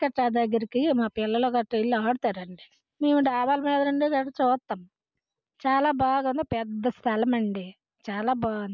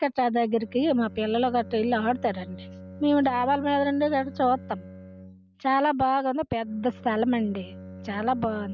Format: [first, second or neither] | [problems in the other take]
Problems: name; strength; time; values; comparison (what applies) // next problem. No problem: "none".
first | background sound (Bowed string instrument); 17 dB below the speech